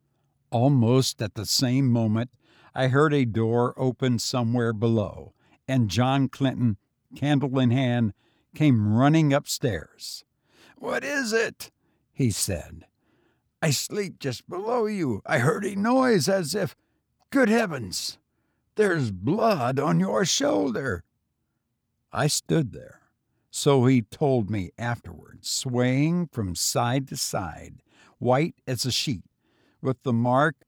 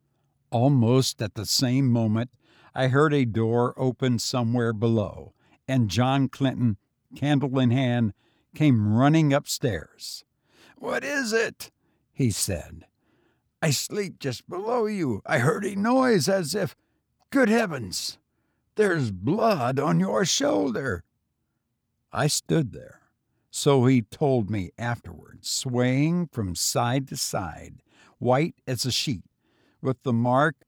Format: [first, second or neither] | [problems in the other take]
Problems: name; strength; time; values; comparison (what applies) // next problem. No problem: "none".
neither | none